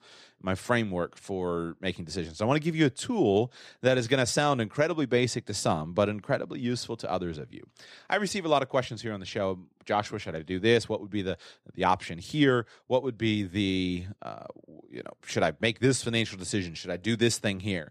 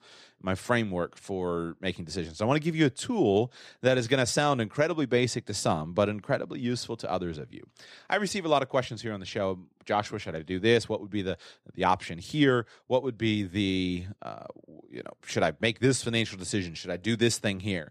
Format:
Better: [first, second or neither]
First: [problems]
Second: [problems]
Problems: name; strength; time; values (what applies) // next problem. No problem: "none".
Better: neither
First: none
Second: none